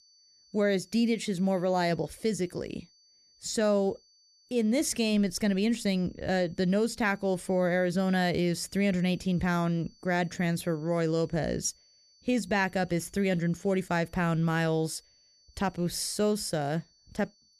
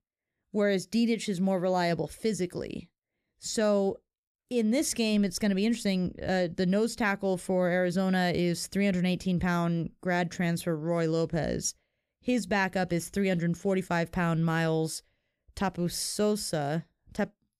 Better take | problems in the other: second | high-pitched whine; faint; throughout; 4.5 kHz, 30 dB below the speech

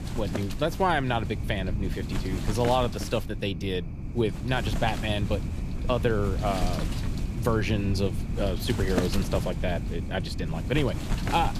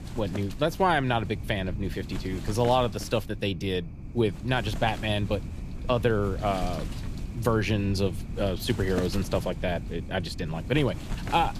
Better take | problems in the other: second | wind noise on the microphone; heavy; 10 dB below the speech; occasional gusts in the second

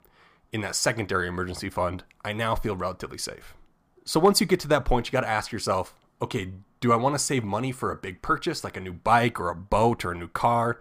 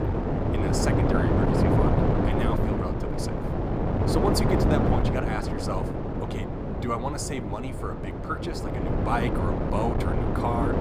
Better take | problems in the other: first | wind noise on the microphone; heavy; 2 dB above the speech

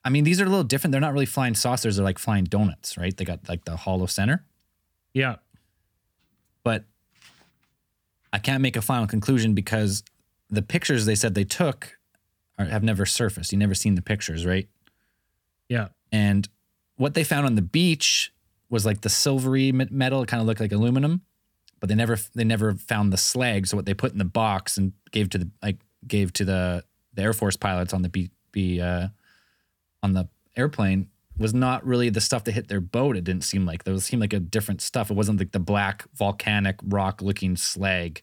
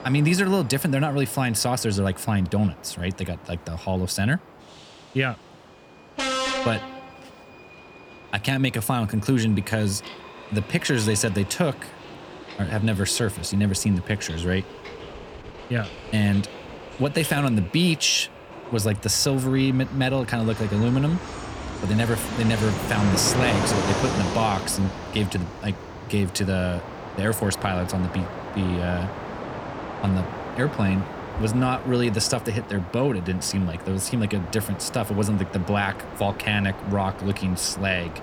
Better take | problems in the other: first | train or aircraft noise; loud; throughout; 9 dB below the speech

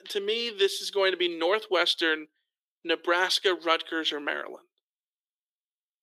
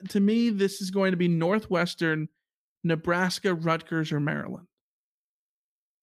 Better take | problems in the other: second | thin; very; fading below 350 Hz

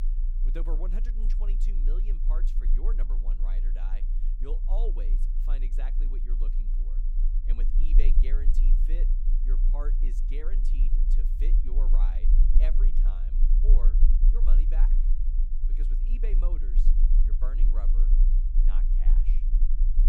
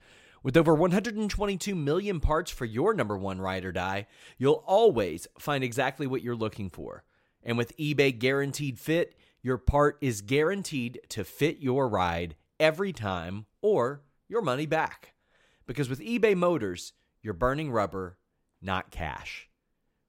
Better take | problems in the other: second | low rumble; loud; throughout; 5 dB below the speech

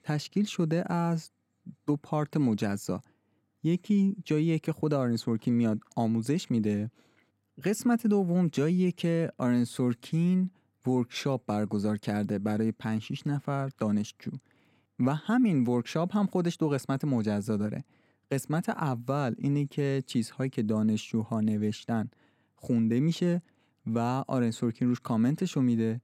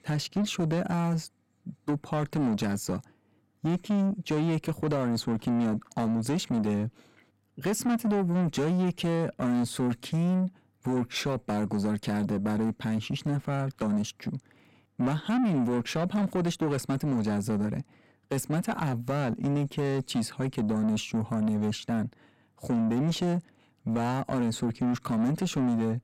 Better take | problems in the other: first | distortion; slight; 10 dB below the speech

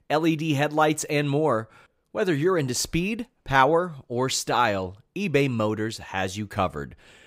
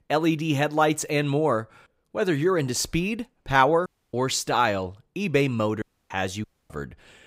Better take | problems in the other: first | audio cutting out; at 4 s, at 6 s and at 6.5 s

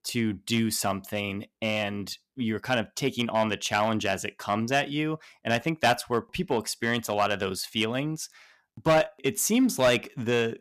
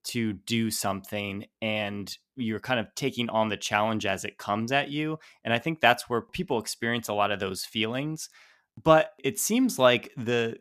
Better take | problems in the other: second | distortion; slight; 2% of the sound clipped

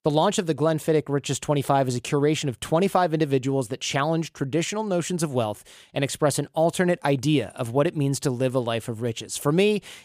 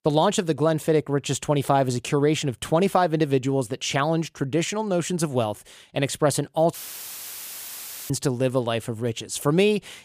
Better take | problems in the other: first | audio cutting out; filled with static; at 6.5 s for 1.5 s

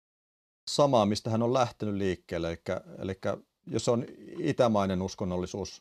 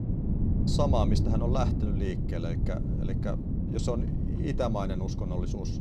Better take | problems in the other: first | wind noise on the microphone; heavy; 5 dB below the speech

